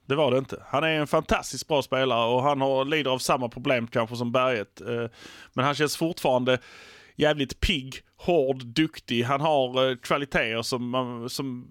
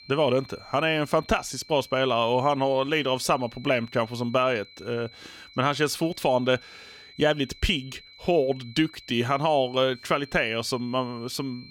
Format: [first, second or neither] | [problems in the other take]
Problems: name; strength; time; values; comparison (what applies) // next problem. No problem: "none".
first | high-pitched whine; faint; throughout; 4 kHz, 20 dB below the speech